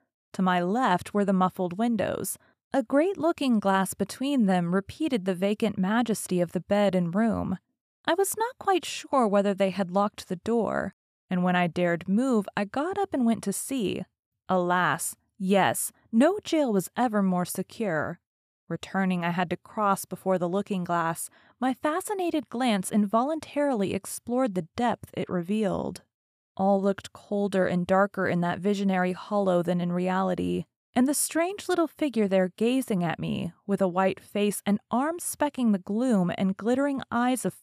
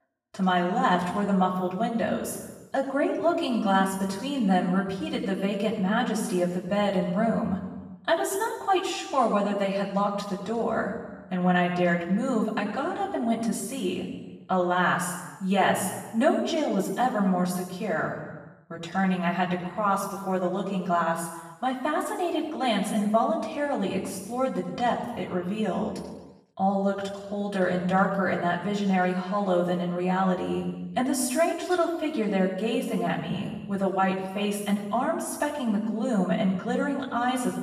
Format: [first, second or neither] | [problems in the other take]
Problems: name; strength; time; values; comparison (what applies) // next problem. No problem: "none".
first | room echo; noticeable; dies away in 1.1 s // off-mic speech; far